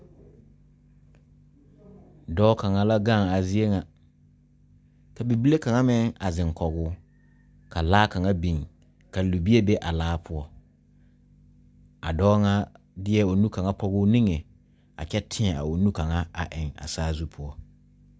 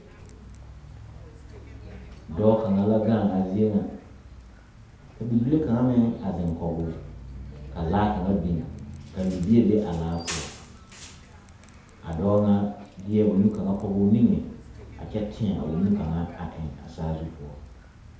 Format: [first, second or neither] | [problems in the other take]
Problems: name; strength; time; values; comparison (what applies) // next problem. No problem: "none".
first | background sound (Bus); 16 dB below the speech // room echo; dies away in 0.8 s